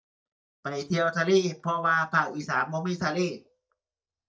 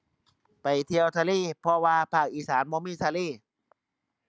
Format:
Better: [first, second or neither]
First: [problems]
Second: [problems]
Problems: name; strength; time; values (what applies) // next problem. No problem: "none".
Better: second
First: noise reduction (neural mask model DeepFilterNet 3)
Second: none